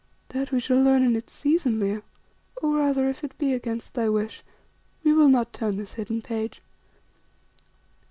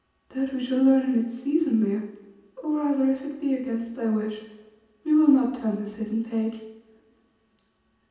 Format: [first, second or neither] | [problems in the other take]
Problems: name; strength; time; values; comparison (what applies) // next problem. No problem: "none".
first | room echo; dies away in 0.9 s